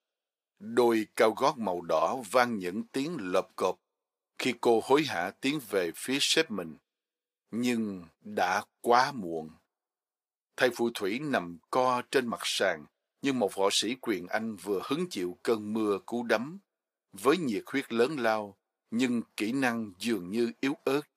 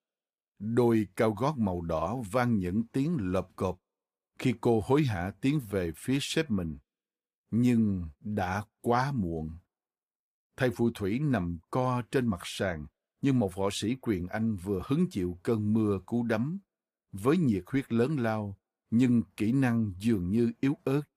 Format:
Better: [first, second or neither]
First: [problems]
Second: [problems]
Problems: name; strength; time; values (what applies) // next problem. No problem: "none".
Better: second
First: thin; somewhat; fading below 400 Hz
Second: none